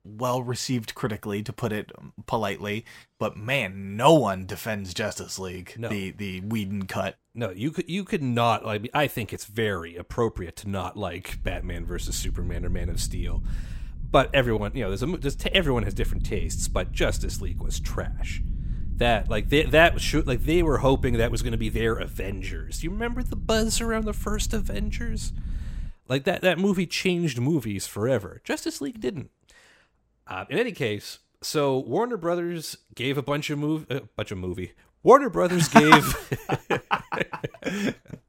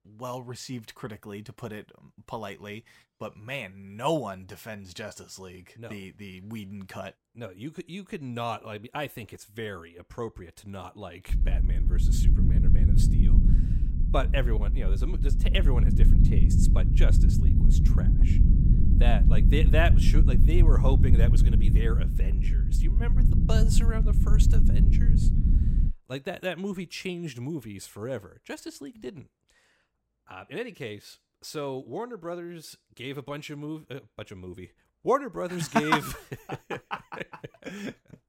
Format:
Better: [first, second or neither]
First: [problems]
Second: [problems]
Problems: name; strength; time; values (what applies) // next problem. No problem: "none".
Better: first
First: low rumble; faint; from 11 to 26 s; 25 dB below the speech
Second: low rumble; loud; from 11 to 26 s; 4 dB below the speech